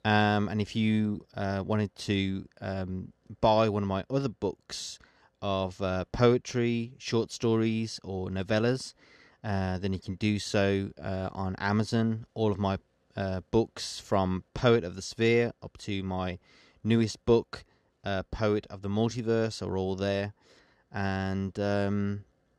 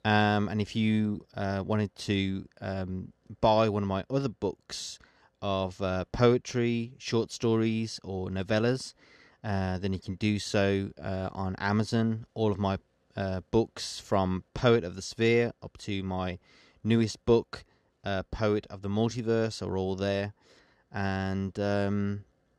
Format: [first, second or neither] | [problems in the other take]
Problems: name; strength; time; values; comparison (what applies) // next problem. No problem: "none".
neither | none